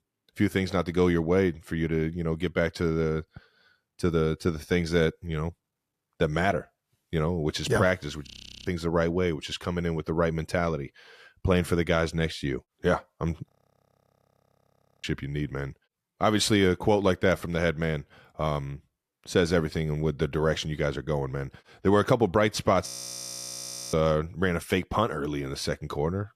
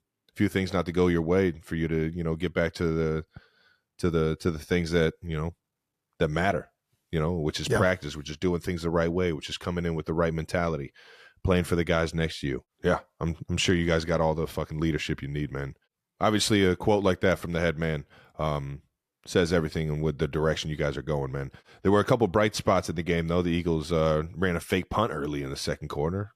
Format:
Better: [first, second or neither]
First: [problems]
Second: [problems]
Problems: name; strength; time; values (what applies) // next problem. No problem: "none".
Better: second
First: audio freezing; at 8.5 s, at 13 s for 1.5 s and at 23 s for 1 s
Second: none